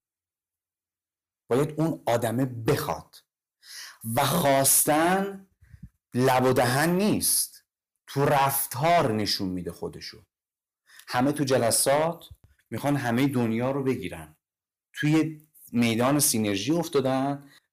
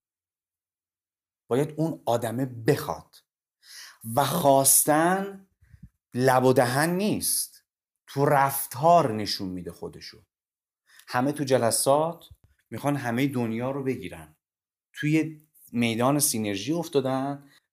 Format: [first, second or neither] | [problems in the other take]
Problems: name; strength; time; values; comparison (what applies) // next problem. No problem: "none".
second | distortion; heavy; 6% of the sound clipped